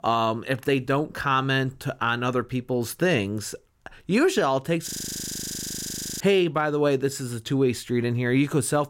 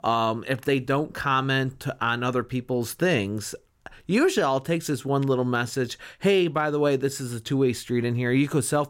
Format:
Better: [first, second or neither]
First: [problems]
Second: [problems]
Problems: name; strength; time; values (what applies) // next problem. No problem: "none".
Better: second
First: audio freezing; at 5 s for 1.5 s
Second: none